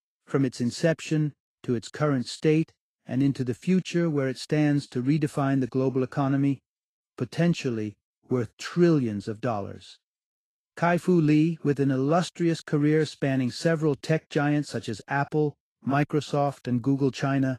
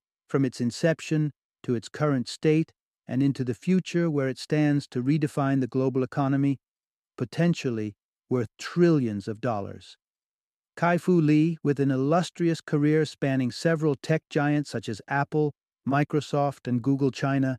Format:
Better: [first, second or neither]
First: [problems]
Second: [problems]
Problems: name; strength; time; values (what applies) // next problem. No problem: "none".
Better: second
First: garbled, watery; slightly; nothing above 12.5 kHz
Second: none